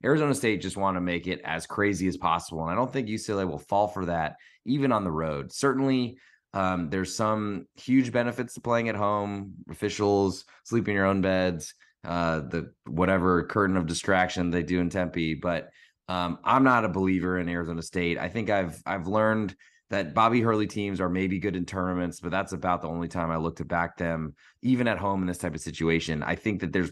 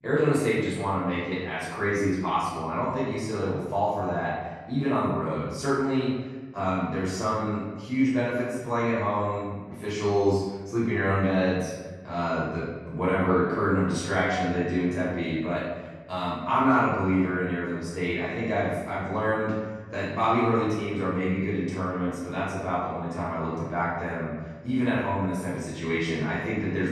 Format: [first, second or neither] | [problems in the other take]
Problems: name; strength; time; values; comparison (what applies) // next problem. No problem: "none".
first | off-mic speech; far // room echo; noticeable; dies away in 1.1 s